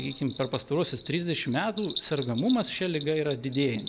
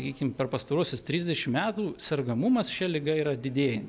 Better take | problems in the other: second | background sound (Bell); 14 dB below the speech

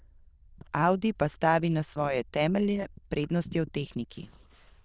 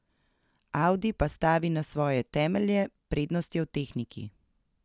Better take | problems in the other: second | noise reduction (neural diffusion model UNIVERSE++)

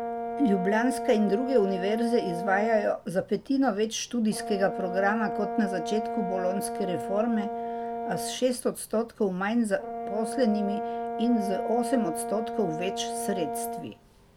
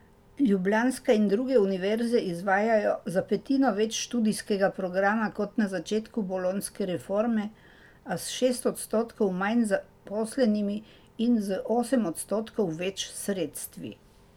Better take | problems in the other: second | background sound (Brass instrument); 6 dB below the speech

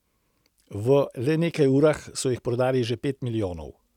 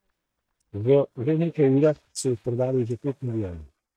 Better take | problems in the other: first | noise reduction (neural mask model DeepFilterNet 3)

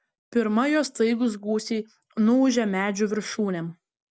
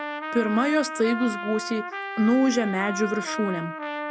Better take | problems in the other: first | background sound (Trumpet); 7 dB below the speech

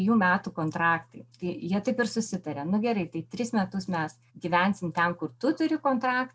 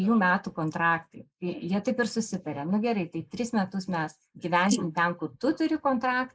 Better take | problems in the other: first | noise reduction (neural mask model Resemble Enhance denoiser)

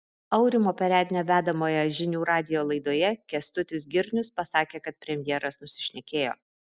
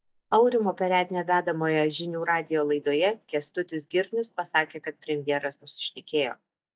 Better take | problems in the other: first | noise reduction (neural mask model DeepFilterNet 3)

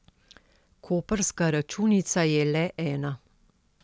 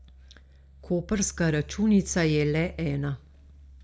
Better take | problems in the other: first | noise reduction (neural mask model DeepFilterNet 3)

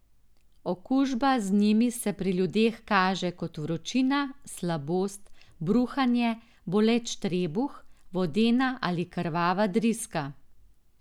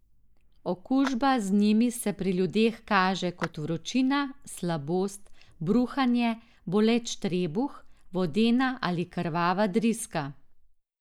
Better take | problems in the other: first | noise reduction (neural mask model Resemble Enhance denoiser)

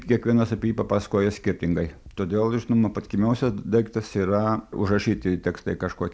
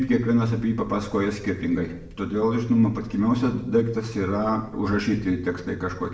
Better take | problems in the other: first | room echo; dies away in 0.7 s

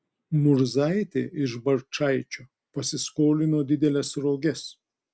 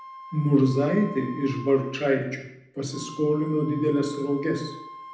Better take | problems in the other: first | background sound (Wind instrument, woodwind instrument); 17 dB below the speech // room echo; dies away in 0.7 s

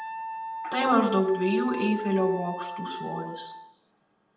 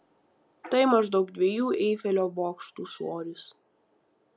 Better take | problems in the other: second | background sound (Wind instrument, woodwind instrument); 9 dB below the speech // room echo; dies away in 0.7 s

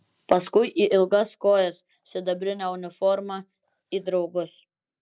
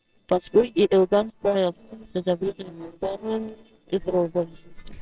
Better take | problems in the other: first | noise reduction (neural separator model SepFormer WHAMR!)

